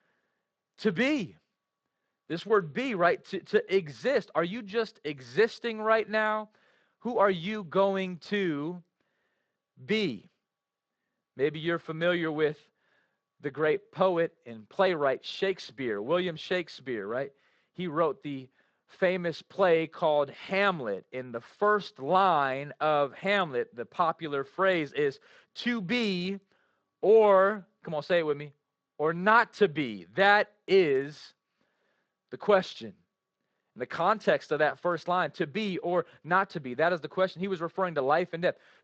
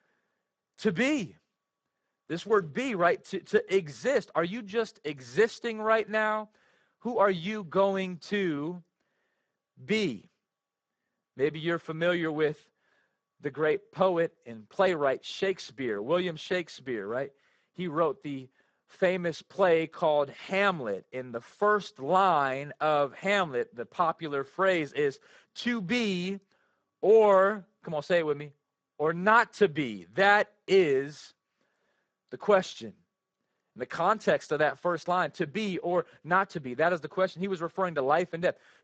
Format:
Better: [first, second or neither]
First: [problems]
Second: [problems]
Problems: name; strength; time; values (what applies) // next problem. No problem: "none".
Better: first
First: garbled, watery; slightly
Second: garbled, watery; badly; nothing above 7.5 kHz